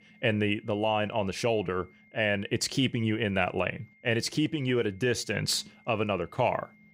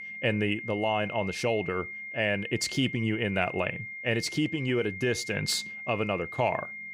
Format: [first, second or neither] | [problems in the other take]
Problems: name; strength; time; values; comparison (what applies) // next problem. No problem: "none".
first | high-pitched whine; loud; throughout; 2 kHz, 8 dB below the speech; faint in the first